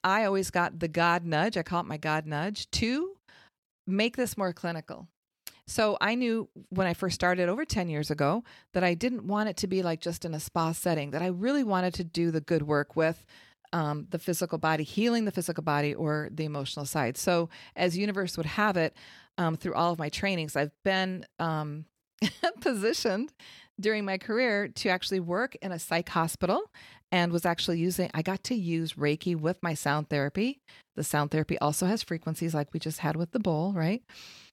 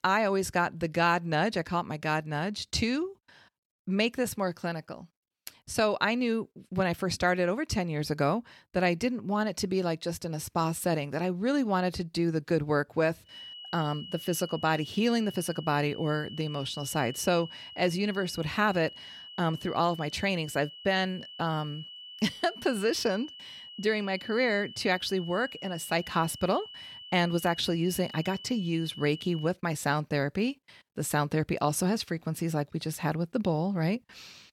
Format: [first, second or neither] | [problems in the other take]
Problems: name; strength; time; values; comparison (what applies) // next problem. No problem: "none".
first | high-pitched whine; noticeable; from 13 to 29 s; 3 kHz, 15 dB below the speech